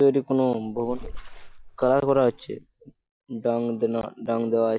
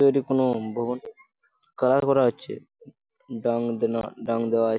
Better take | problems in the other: second | noise reduction (neural mask model DeepFilterNet 3)

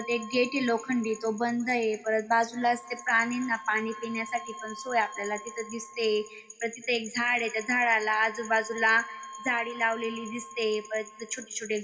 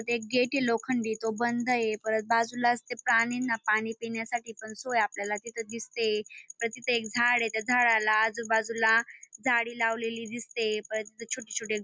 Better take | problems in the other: second | background sound (Wind instrument, woodwind instrument); 17 dB below the speech // room echo; dies away in 1.8 s

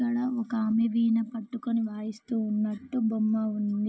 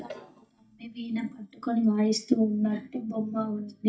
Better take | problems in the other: first | noise reduction (neural mask model DeepFilterNet 3)

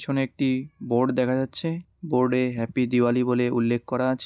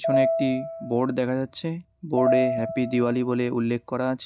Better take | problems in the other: first | background sound (Piano); 2 dB below the speech

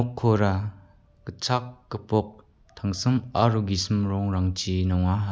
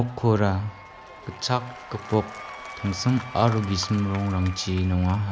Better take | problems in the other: first | background sound (Wind instrument, woodwind instrument + Applause / Crowd / Cheering); 15 dB below the speech

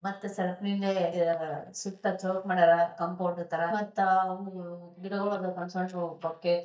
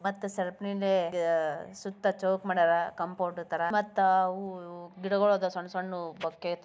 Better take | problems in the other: second | noise reduction (neural mask model DeepFilterNet 3)

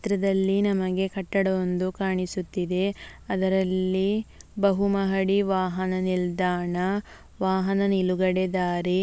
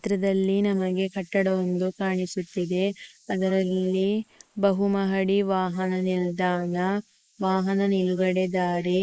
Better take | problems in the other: first | noise reduction (neural mask model Resemble Enhance denoiser)

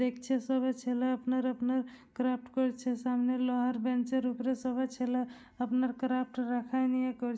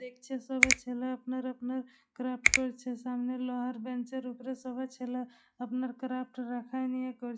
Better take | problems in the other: first | noise reduction (classical method log-MMSE)

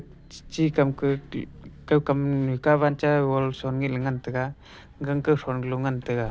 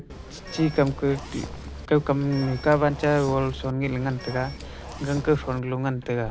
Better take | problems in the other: first | background sound (Zipper (clothing) / Telephone); 13 dB below the speech

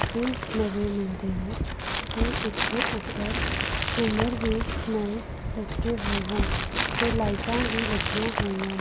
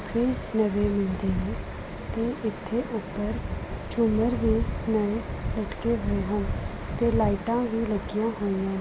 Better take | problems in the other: second | background sound (Crumpling, crinkling); 1 dB below the speech

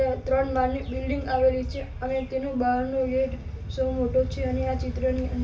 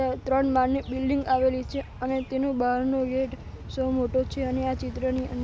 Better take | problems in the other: second | room echo; dies away in 0.3 s

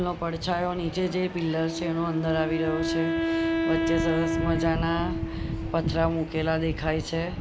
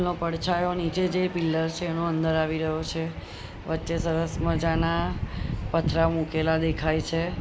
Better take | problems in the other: second | background sound (Wind instrument, woodwind instrument); 3 dB below the speech

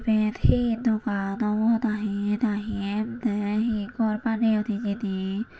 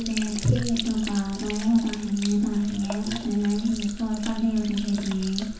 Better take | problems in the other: first | background sound (Sink (filling or washing)); 10 dB below the speech // room echo; dies away in 0.8 s

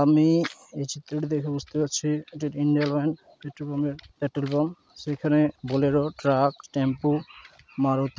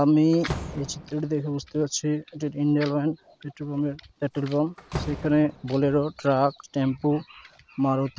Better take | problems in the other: first | background sound (Slam); 16 dB below the speech

